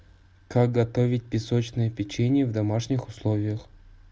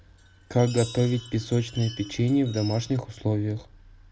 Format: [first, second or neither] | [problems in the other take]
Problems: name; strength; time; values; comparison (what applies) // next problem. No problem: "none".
first | background sound (Chime); 17 dB below the speech